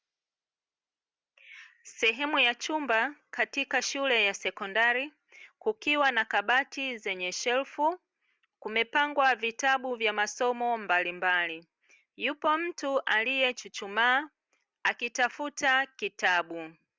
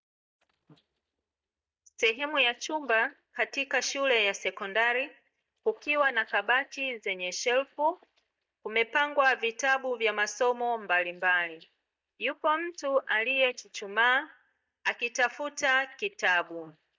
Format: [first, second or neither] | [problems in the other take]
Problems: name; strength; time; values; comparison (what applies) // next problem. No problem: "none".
first | noise reduction (neural mask model DeepFilterNet 3)